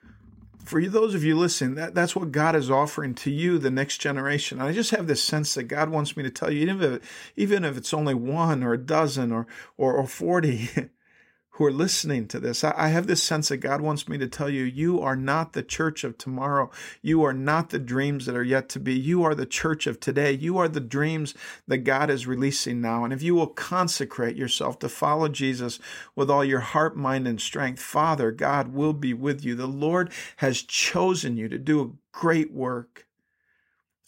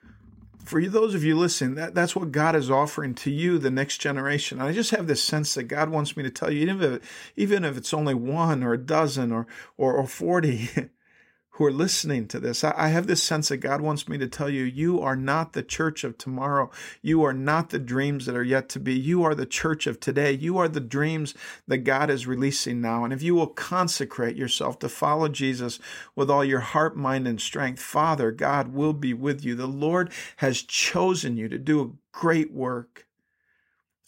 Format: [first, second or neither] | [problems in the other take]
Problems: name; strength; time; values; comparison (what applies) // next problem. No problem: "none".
neither | none